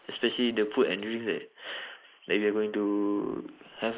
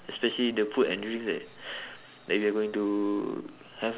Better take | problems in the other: second | noise reduction (neural mask model Resemble Enhance denoiser)

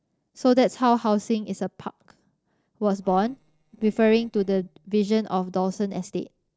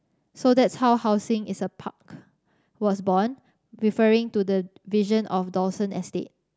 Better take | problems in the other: second | noise reduction (neural separator model SepFormer DNS4)

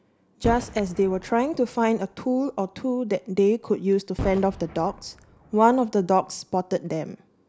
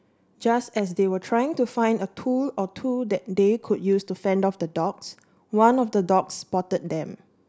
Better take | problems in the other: second | background sound (Boom); 16 dB below the speech

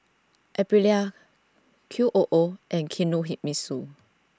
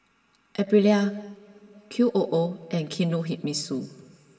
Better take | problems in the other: first | room echo; dies away in 2.3 s

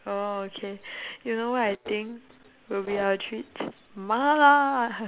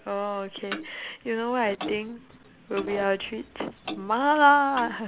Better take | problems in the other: first | background sound (Clock); 15 dB below the speech

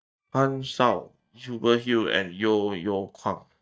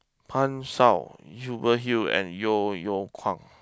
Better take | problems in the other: second | noise reduction (neural mask model DeepFilterNet 3)

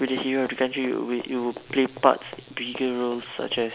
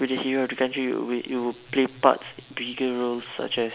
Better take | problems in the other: second | background sound (Run); 19 dB below the speech

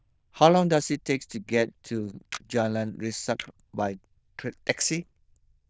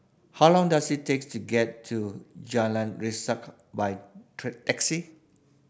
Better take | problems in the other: second | noise reduction (neural diffusion model UNIVERSE++)

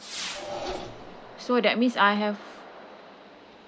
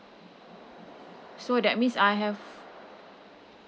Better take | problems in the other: second | background sound (Whoosh, swoosh, swish / Fireworks + Engine); 12 dB below the speech

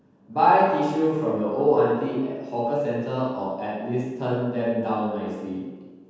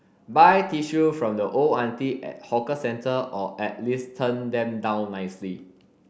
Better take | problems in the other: second | room echo; dies away in 1.2 s

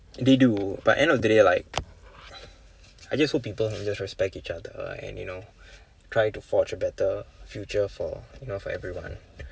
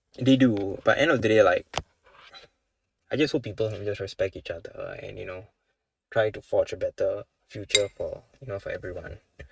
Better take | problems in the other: first | noise reduction (neural mask model RNNoise)

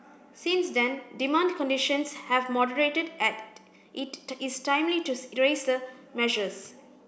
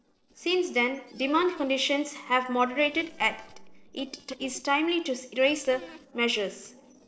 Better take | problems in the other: first | noise reduction (neural separator model SepFormer DNS4)

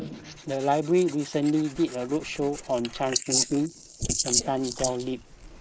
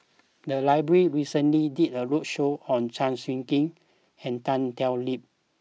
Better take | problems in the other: second | noise reduction (neural mask model Resemble Enhance denoiser)

